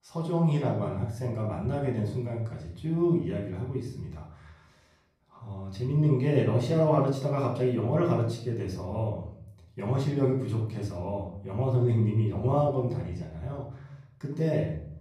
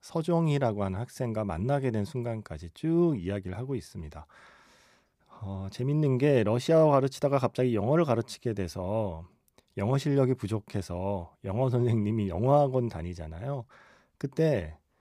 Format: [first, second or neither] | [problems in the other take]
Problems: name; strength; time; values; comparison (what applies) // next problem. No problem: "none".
second | off-mic speech; far // room echo; noticeable; dies away in 0.7 s